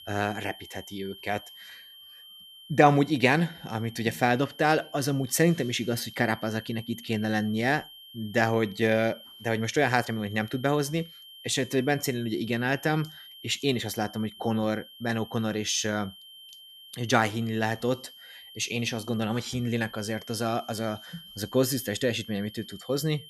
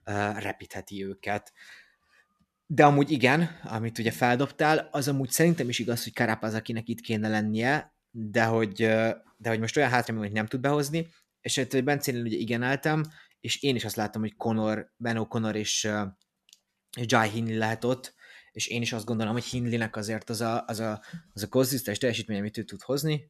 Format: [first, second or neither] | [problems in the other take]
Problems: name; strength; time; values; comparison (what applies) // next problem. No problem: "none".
second | high-pitched whine; noticeable; throughout; 3 kHz, 20 dB below the speech